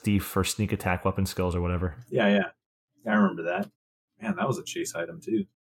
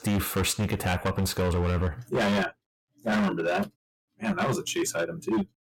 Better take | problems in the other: first | distortion; heavy; 18% of the sound clipped

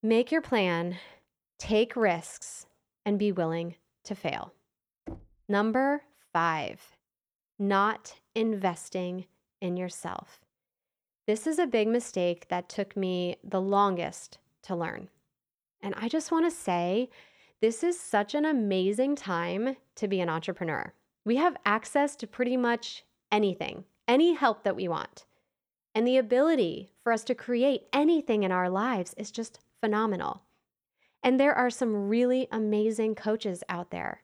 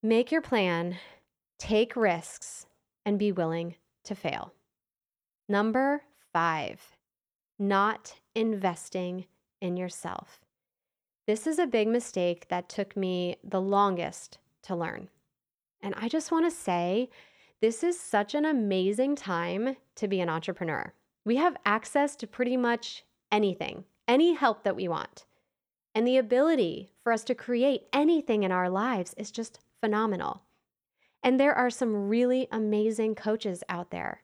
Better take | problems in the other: second | door banging; faint; at 5 s; peak 15 dB below the speech

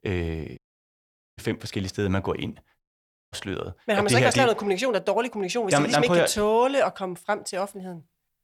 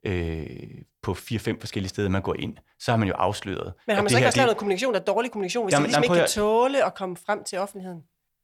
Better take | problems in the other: second | audio cutting out; at 0.5 s for 1 s and at 3 s for 0.5 s

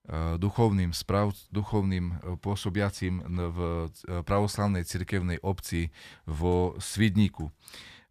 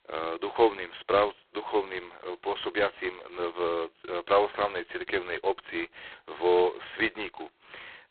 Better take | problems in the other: first | phone-call audio; poor line; nothing above 4 kHz

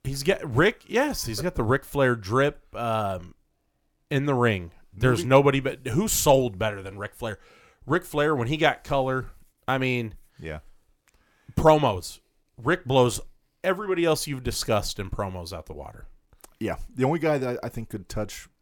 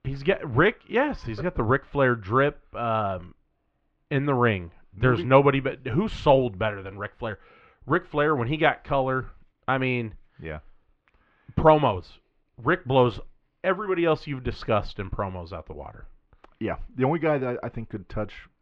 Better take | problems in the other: first | muffled; very; fading above 3 kHz

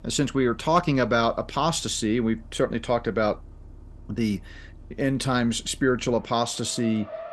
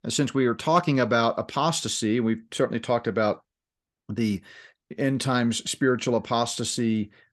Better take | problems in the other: second | traffic noise; faint; throughout; 20 dB below the speech

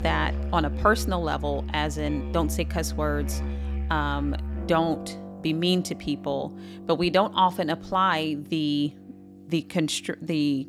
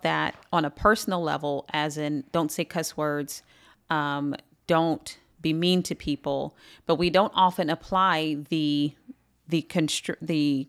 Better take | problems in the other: second | background music; loud; throughout; 8 dB below the speech

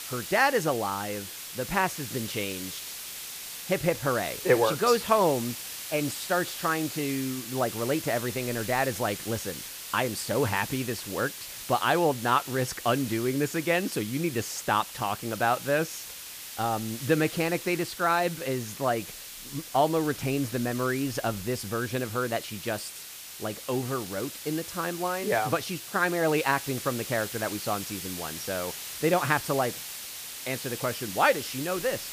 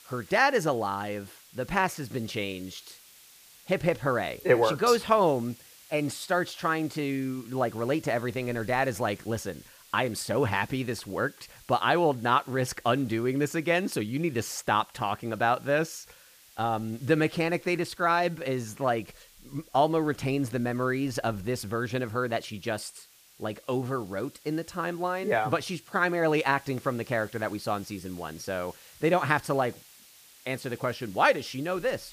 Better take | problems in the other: second | hiss; loud; throughout; 9 dB below the speech; faint in the second

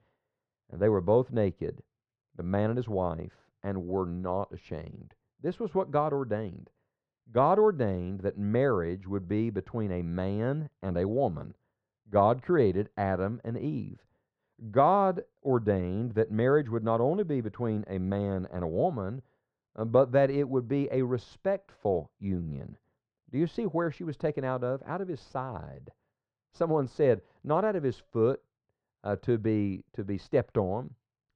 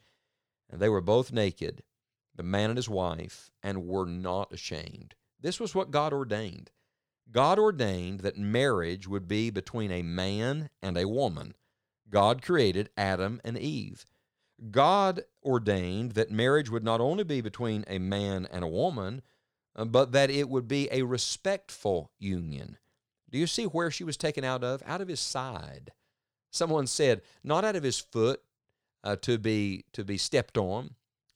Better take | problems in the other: second | muffled; very; fading above 3.5 kHz

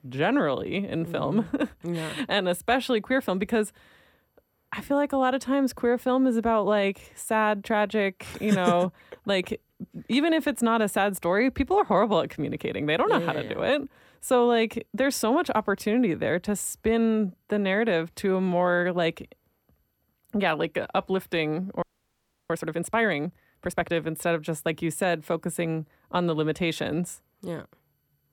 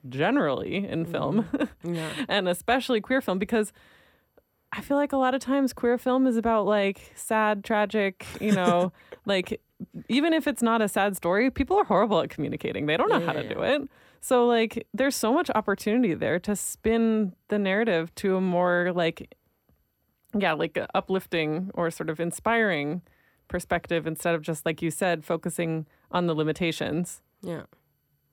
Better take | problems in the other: second | audio freezing; at 22 s for 0.5 s

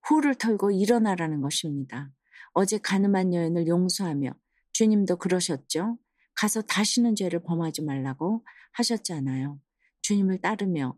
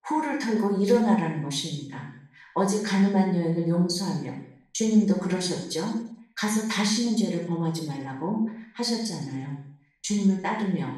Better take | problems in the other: first | room echo; noticeable; dies away in 0.6 s // off-mic speech; far

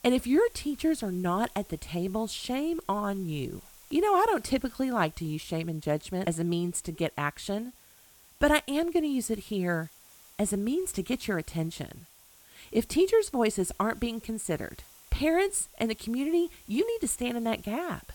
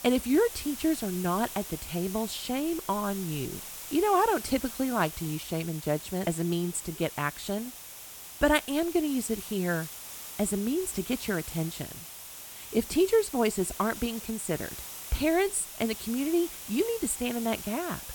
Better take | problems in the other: first | hiss; loud; throughout; 10 dB below the speech; faint in the first

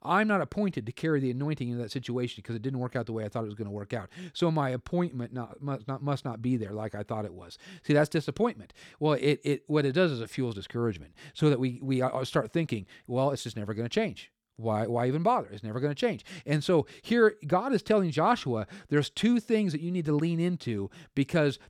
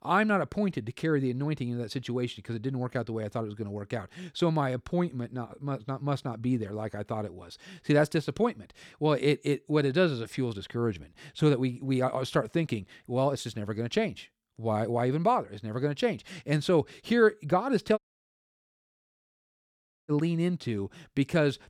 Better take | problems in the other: first | audio cutting out; at 18 s for 2 s

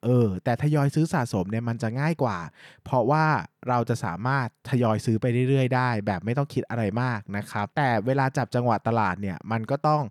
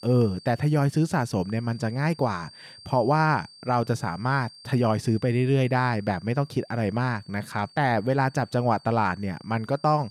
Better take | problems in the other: first | high-pitched whine; faint; throughout; 4.5 kHz, 25 dB below the speech

